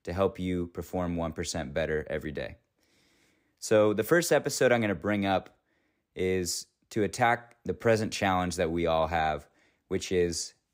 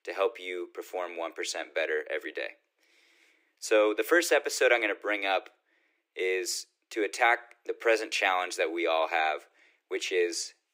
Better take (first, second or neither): first